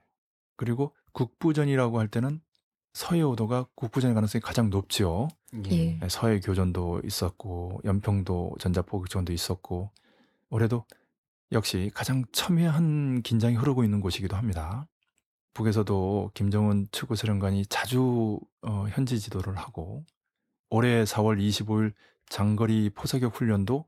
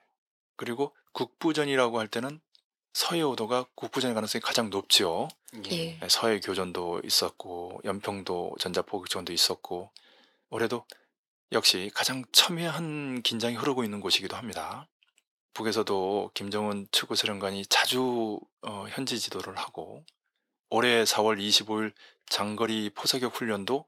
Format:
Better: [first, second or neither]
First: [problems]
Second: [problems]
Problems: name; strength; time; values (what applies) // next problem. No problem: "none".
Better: first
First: none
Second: thin; somewhat; fading below 400 Hz